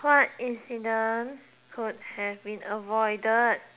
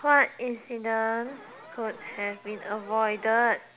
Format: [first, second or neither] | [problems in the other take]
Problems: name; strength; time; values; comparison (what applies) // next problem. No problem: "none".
first | background sound (Alarm); 19 dB below the speech